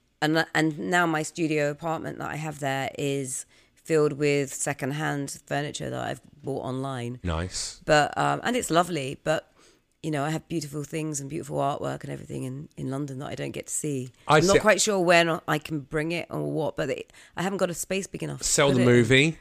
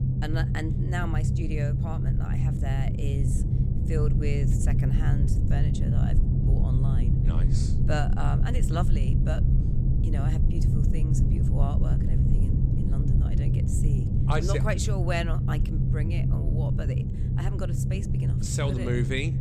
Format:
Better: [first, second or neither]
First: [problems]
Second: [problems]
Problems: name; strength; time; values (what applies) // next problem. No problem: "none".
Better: first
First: none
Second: low rumble; loud; throughout; 1 dB below the speech